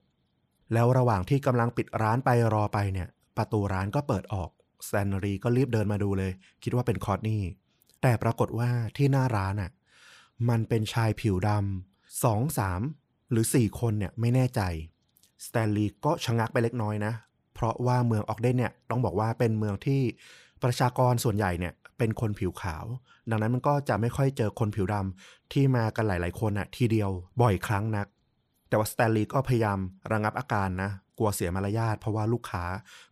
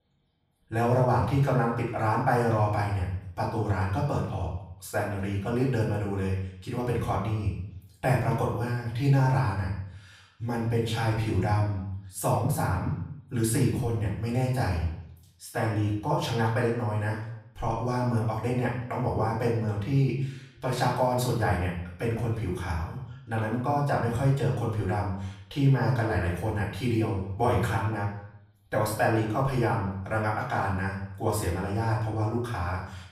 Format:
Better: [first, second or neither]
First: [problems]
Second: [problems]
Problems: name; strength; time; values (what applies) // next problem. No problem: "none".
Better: first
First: none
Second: off-mic speech; far // room echo; noticeable; dies away in 0.6 s